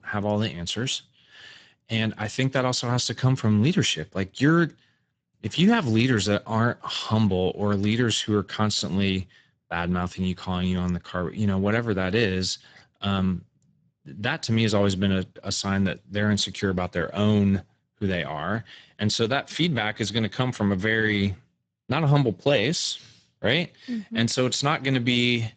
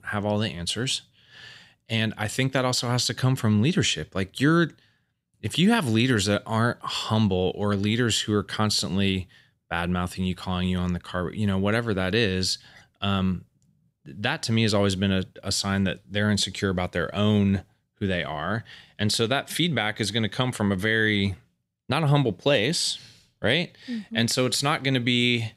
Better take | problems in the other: second | garbled, watery; badly; nothing above 7.5 kHz

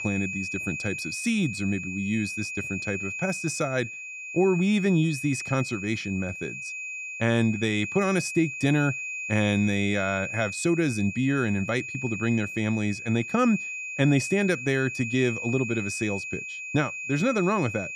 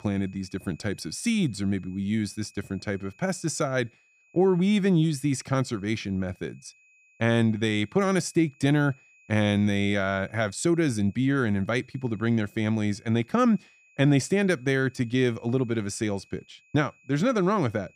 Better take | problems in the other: second | high-pitched whine; loud; throughout; 2.5 kHz, 6 dB below the speech; faint in the second

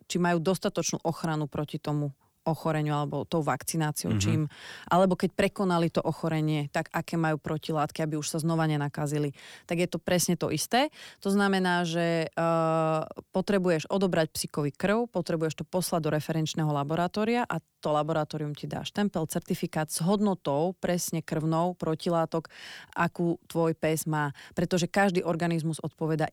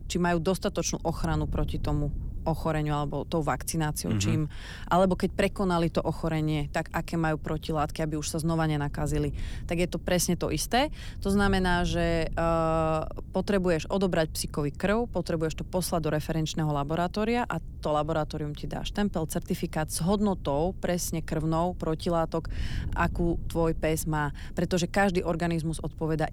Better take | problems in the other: first | wind noise on the microphone; occasional gusts; 25 dB below the speech

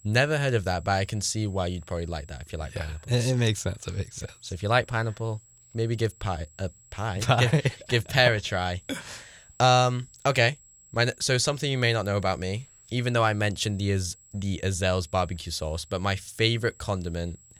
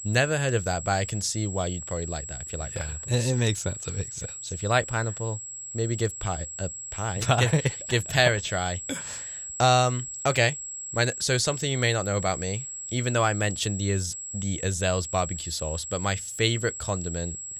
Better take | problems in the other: first | high-pitched whine; loud; throughout; 7.5 kHz, 7 dB below the speech; faint in the first

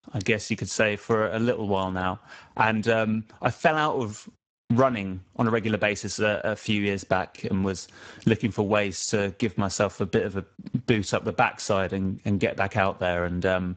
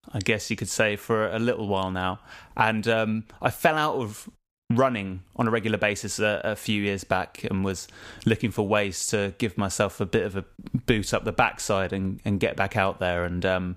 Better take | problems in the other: second | garbled, watery; badly; nothing above 7.5 kHz

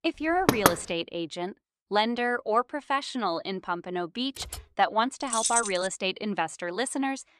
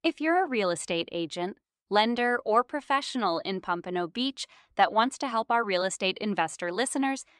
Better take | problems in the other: second | door banging; loud; at 0.5 s; peak 5 dB above the speech // keyboard typing; faint; at 4.5 s; peak 10 dB below the speech // jangling keys; loud; at 5.5 s; peak 3 dB above the speech

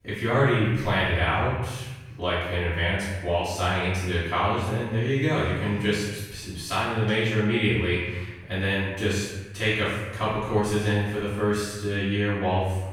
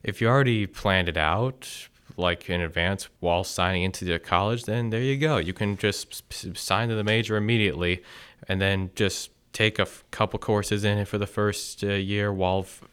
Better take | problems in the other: second | off-mic speech; far // room echo; strong; dies away in 1.1 s

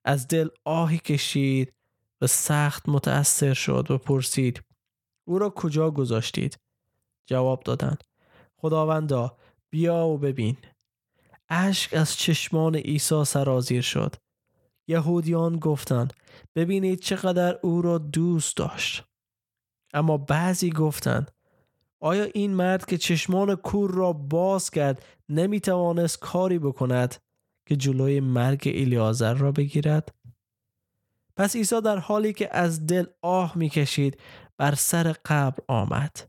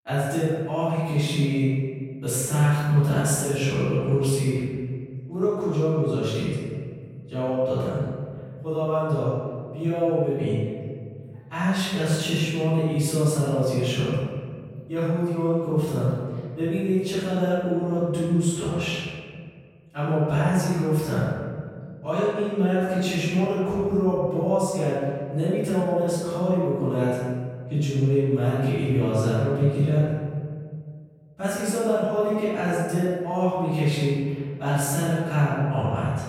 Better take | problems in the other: first | off-mic speech; far // room echo; strong; dies away in 1.8 s

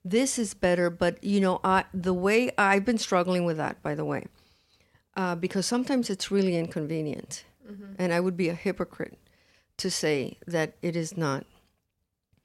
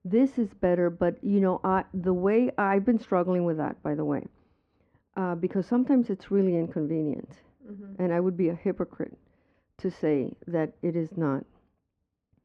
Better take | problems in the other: first | muffled; very; fading above 3.5 kHz

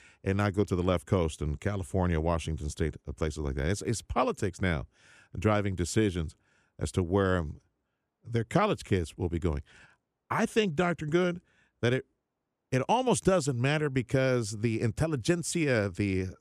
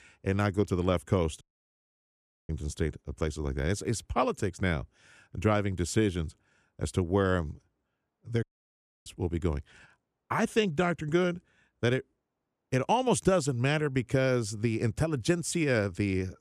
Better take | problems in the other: first | audio cutting out; at 1.5 s for 1 s and at 8.5 s for 0.5 s

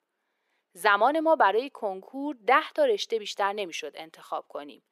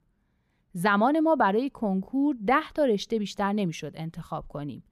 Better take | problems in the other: second | thin; somewhat; fading below 400 Hz

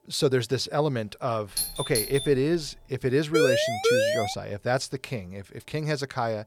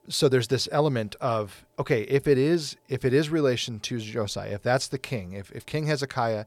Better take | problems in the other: second | doorbell; noticeable; from 1.5 to 2.5 s; peak 1 dB below the speech // siren; loud; from 3.5 to 4.5 s; peak 5 dB above the speech

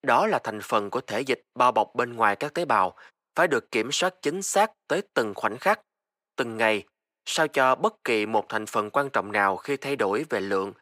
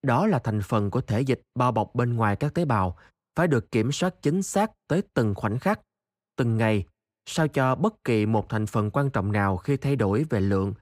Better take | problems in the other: second | thin; very; fading below 450 Hz

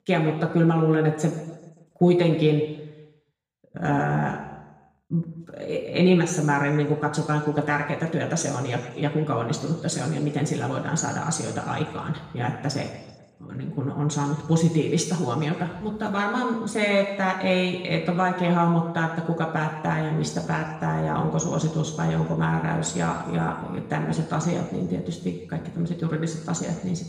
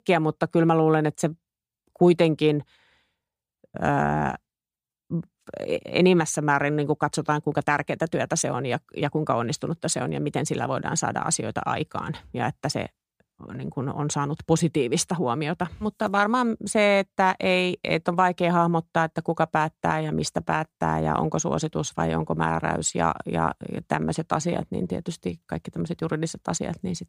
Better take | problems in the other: second | room echo; noticeable; dies away in 1 s // off-mic speech; far

